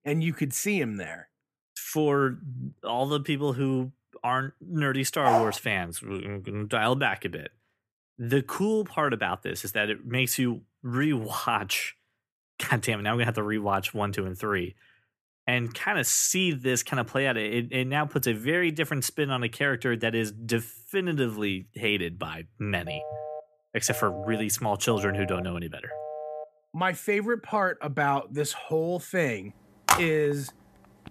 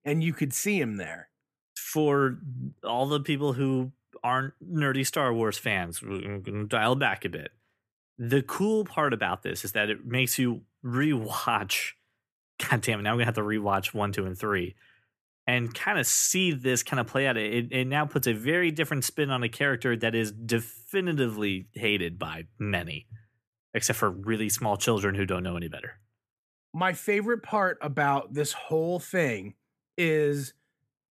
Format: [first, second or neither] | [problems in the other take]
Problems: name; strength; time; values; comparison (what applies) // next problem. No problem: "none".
second | dog barking; loud; at 5 s; peak 3 dB above the speech // phone ringing; noticeable; from 23 to 26 s; peak 9 dB below the speech // phone ringing; loud; at 30 s; peak 4 dB above the speech